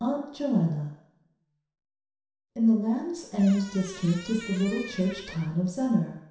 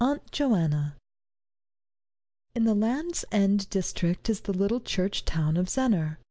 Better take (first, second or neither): second